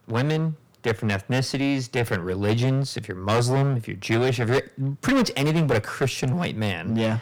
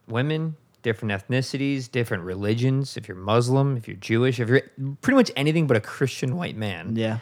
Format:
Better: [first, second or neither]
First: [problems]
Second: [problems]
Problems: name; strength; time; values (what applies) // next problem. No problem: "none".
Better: second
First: distortion; heavy; 12% of the sound clipped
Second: none